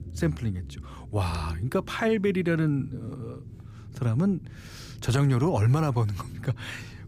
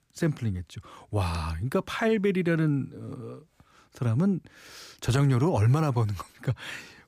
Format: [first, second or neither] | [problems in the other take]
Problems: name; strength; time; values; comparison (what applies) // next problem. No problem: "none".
second | low rumble; faint; throughout; 20 dB below the speech